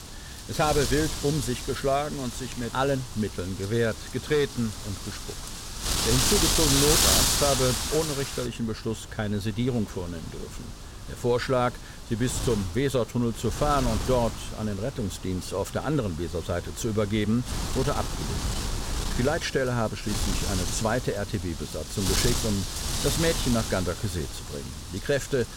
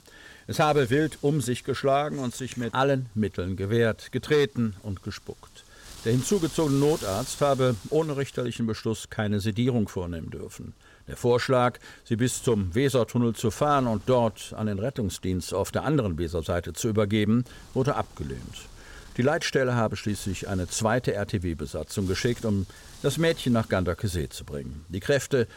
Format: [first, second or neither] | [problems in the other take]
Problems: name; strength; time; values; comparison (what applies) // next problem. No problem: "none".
second | wind noise on the microphone; heavy; as loud as the speech; occasional gusts in the second